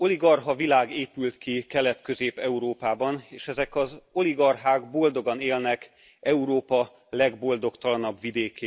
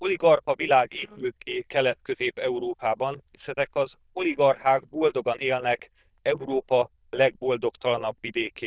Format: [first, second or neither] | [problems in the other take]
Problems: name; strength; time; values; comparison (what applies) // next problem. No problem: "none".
first | noise reduction (neural diffusion model UNIVERSE++)